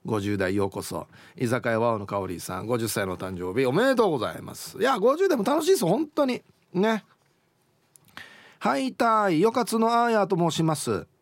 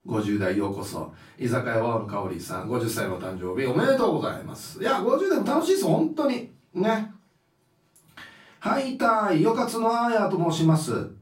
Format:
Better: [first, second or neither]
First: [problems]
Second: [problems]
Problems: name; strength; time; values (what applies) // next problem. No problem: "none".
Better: first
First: none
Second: off-mic speech; far // room echo; slight; dies away in 0.3 s